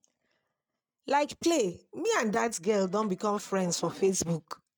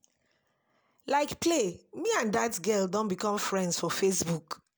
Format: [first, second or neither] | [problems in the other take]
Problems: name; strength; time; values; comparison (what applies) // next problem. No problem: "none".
second | noise reduction (neural mask model RNNoise)